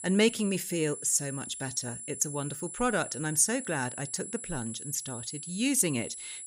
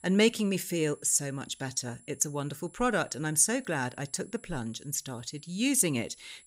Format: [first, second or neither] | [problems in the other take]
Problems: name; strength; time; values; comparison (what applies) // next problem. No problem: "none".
second | high-pitched whine; loud; throughout; 10 kHz, 9 dB below the speech; faint in the second